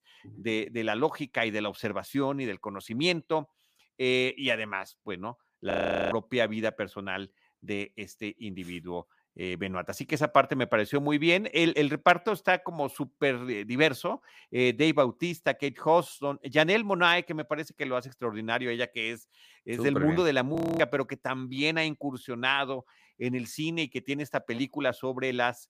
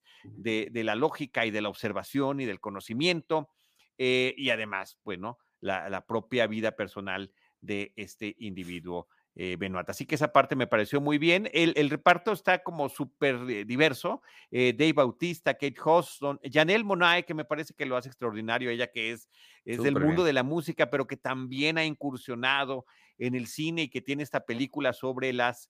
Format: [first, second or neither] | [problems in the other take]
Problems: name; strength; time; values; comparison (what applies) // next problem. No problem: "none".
second | audio freezing; at 5.5 s and at 21 s